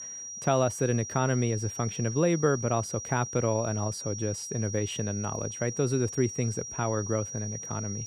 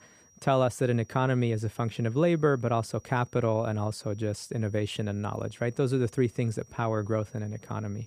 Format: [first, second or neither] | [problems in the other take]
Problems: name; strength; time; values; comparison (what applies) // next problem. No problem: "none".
second | high-pitched whine; loud; throughout; 5.5 kHz, 7 dB below the speech; faint in the second